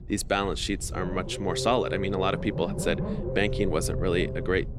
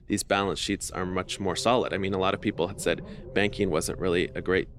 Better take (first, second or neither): second